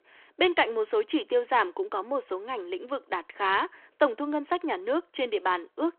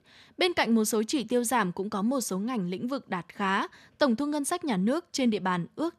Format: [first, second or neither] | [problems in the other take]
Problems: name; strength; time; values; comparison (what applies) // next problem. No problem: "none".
second | phone-call audio